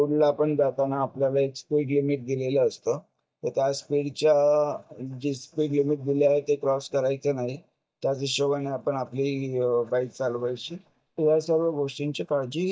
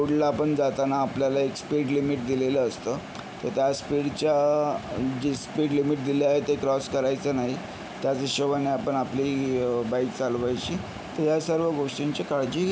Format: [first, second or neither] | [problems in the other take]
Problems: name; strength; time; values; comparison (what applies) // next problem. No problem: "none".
second | noise reduction (neural mask model DeepFilterNet 3)